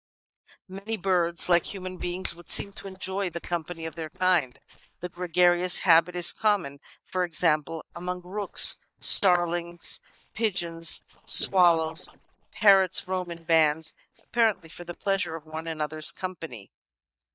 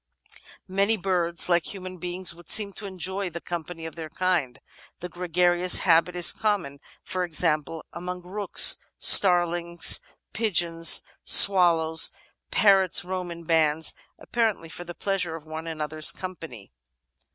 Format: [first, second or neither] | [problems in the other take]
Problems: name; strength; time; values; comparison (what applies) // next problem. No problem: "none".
second | noise reduction (neural mask model DeepFilterNet 3)